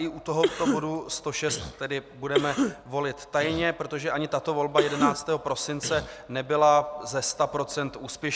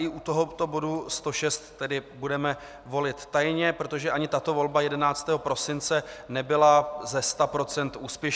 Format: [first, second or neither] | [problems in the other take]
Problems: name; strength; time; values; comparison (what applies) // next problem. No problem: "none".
second | background sound (Cough); 4 dB below the speech